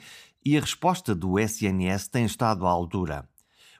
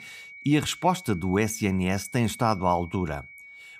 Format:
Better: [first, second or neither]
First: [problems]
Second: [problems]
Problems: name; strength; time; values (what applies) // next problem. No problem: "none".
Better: first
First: none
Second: high-pitched whine; noticeable; throughout; 2.5 kHz, 15 dB below the speech